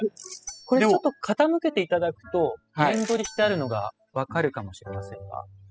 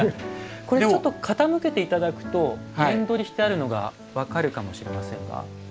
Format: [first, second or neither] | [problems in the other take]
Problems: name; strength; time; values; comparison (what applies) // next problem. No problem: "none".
second | noise reduction (classical method spectral subtraction)